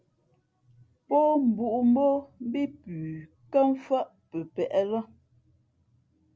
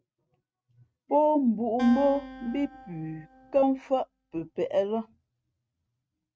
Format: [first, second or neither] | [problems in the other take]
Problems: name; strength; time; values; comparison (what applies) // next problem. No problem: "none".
first | noise reduction (neural mask model RNNoise)